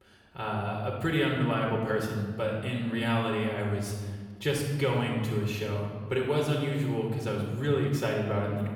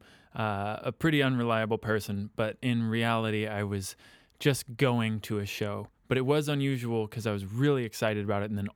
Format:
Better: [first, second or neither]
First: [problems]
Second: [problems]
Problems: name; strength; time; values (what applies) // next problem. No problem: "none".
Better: second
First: off-mic speech; somewhat distant // room echo; noticeable; dies away in 1.5 s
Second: none